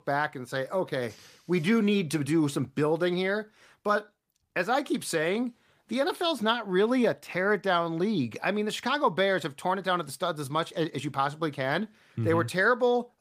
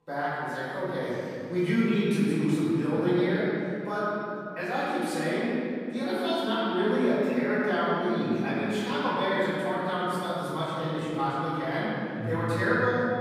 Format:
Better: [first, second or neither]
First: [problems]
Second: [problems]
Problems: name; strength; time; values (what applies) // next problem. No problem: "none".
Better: first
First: none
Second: off-mic speech; far // room echo; strong; dies away in 2.6 s